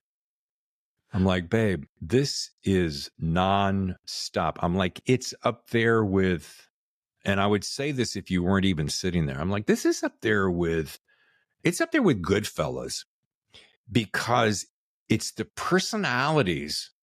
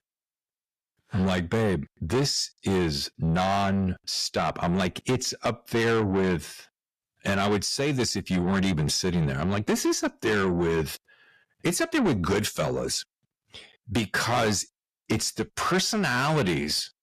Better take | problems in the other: first | distortion; heavy; 6 dB below the speech

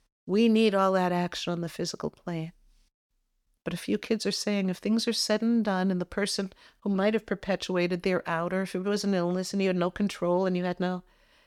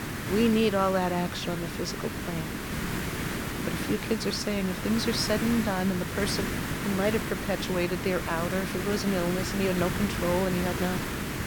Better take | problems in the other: first | hiss; loud; throughout; 3 dB below the speech

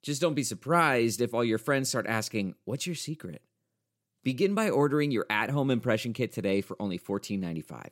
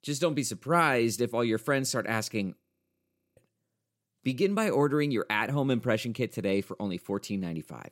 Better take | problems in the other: first | audio freezing; at 2.5 s for 1 s

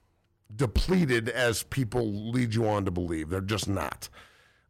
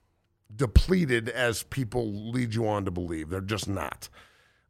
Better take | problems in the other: second | distortion; heavy; 3% of the sound clipped

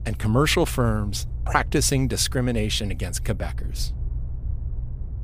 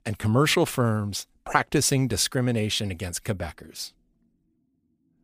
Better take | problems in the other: second | low rumble; faint; throughout; 25 dB below the speech

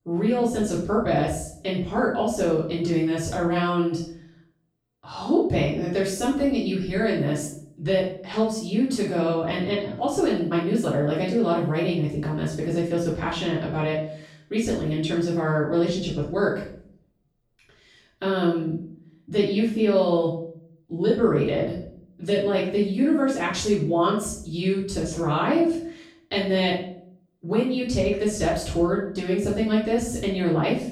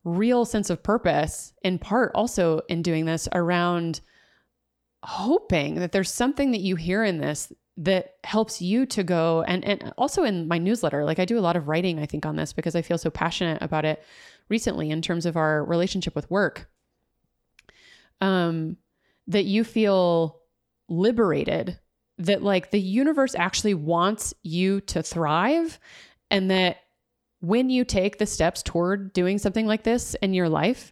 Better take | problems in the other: second | off-mic speech; far // room echo; noticeable; dies away in 0.5 s

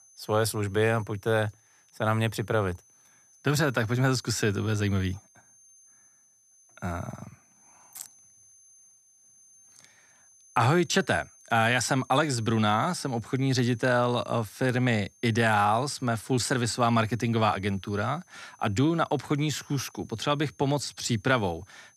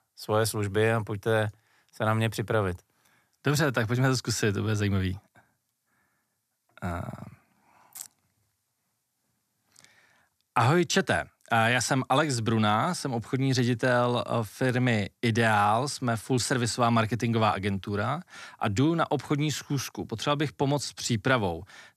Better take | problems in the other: second | high-pitched whine; faint; throughout; 6.5 kHz, 30 dB below the speech

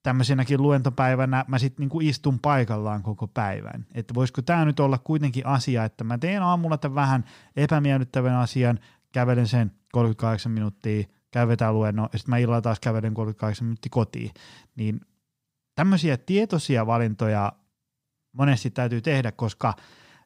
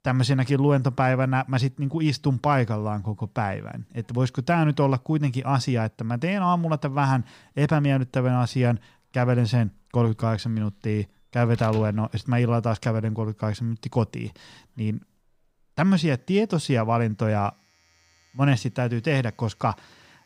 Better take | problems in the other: first | household noises; faint; throughout; 30 dB below the speech

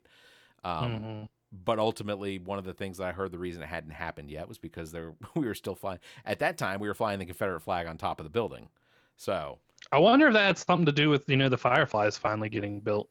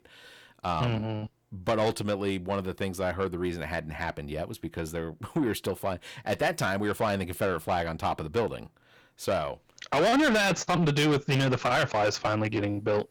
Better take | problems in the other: first | distortion; heavy; 6 dB below the speech

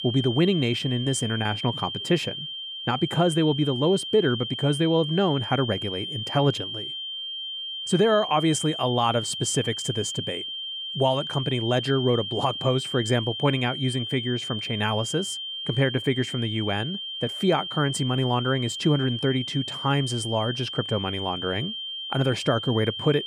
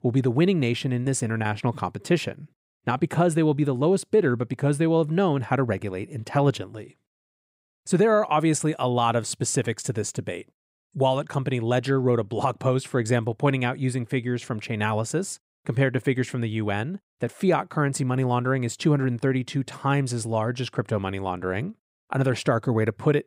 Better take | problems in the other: second | high-pitched whine; loud; throughout; 3 kHz, 5 dB below the speech

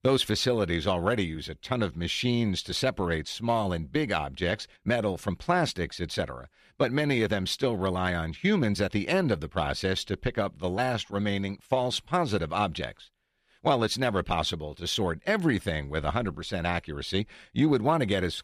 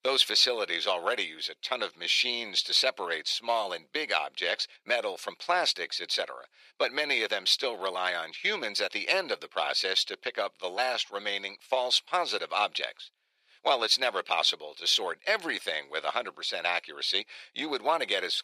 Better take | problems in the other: first | thin; very; fading below 500 Hz

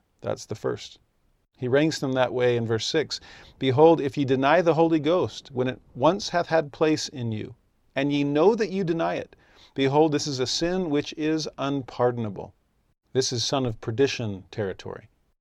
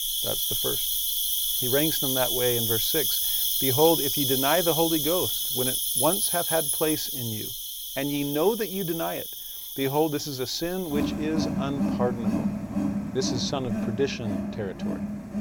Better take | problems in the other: first | animal sounds; very loud; throughout; 3 dB above the speech

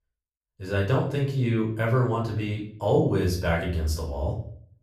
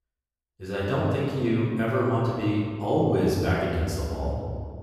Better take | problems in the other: first | room echo; strong; dies away in 1.7 s; slight in the first // off-mic speech; far; far in the first

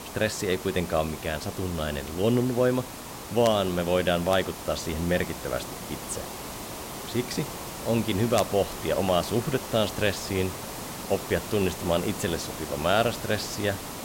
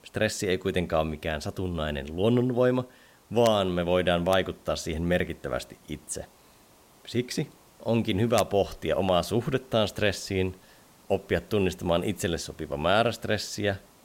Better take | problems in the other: second | hiss; loud; throughout; 9 dB below the speech; faint in the second

